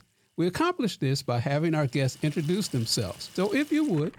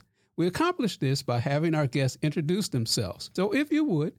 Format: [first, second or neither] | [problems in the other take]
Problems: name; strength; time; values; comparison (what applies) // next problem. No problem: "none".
second | household noises; noticeable; throughout; 20 dB below the speech